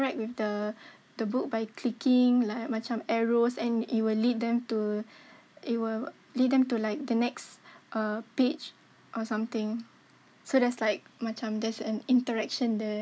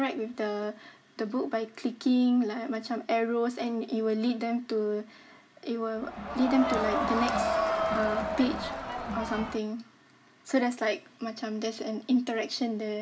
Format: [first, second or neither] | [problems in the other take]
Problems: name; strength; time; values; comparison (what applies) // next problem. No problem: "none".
first | background sound (Crowd); as loud as the speech // room echo; dies away in 0.3 s